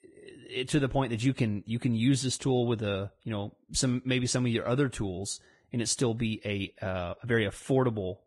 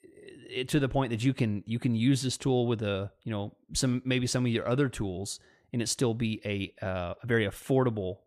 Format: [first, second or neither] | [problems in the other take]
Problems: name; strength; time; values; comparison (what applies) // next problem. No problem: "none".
second | garbled, watery; badly; nothing above 10 kHz